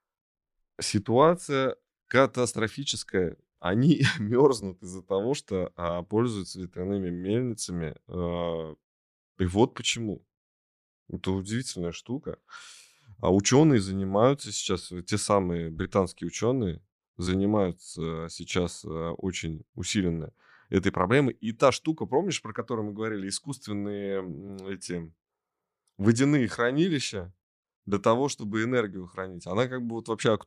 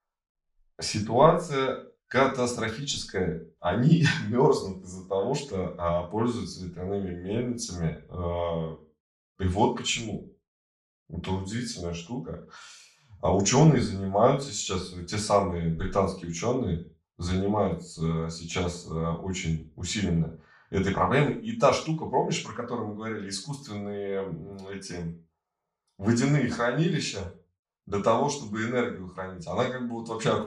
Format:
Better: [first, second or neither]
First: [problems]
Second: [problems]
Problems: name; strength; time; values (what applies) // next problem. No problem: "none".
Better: first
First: none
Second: room echo; slight; dies away in 0.3 s // off-mic speech; far